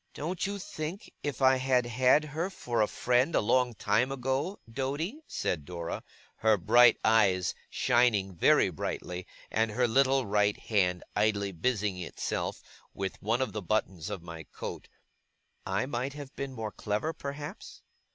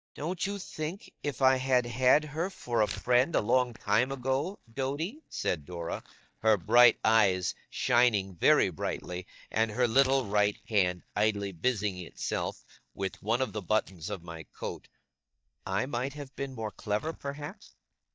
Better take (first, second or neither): first